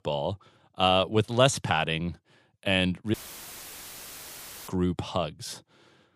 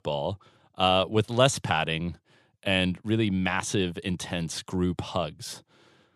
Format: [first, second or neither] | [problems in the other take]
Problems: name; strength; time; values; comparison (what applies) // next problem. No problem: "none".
second | audio cutting out; filled with static; at 3 s for 1.5 s